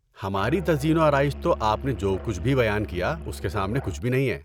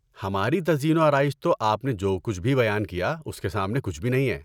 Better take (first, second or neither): second